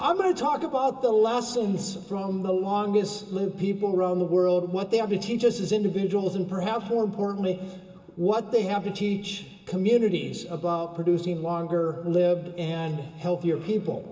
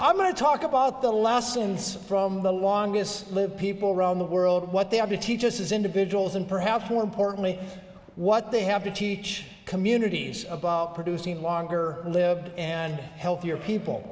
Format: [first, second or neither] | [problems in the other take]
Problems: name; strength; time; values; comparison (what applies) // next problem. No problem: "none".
second | room echo; dies away in 0.2 s